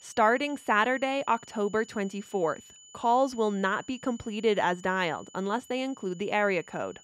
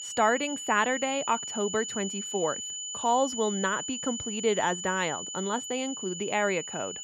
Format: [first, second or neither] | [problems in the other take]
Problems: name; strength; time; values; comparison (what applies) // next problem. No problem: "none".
first | high-pitched whine; loud; throughout; 7 kHz, 5 dB below the speech; faint in the first